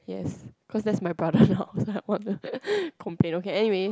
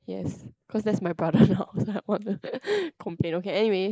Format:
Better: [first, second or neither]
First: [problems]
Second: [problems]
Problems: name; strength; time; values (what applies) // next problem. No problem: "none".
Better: first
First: none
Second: noise reduction (neural mask model Resemble Enhance denoiser)